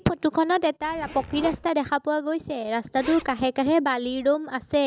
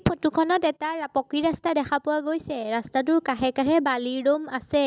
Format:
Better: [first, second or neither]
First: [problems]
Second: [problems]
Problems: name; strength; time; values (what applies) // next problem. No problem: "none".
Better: second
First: background sound (Zipper (clothing)); 19 dB below the speech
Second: none